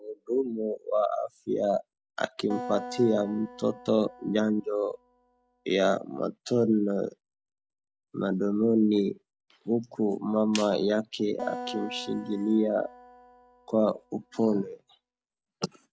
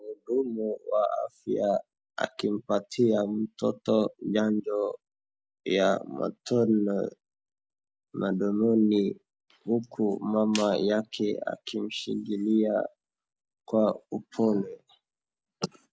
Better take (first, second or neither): second